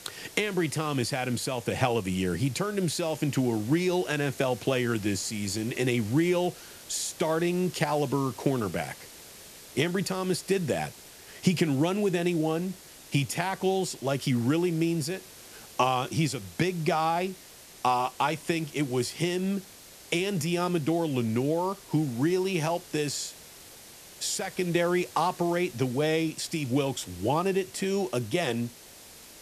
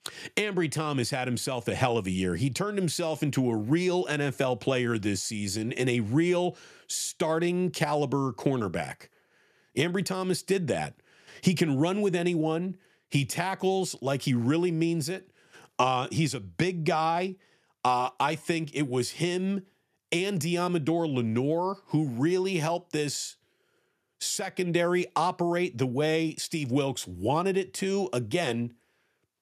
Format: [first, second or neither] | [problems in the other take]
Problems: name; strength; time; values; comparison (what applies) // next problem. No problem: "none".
second | hiss; noticeable; throughout; 20 dB below the speech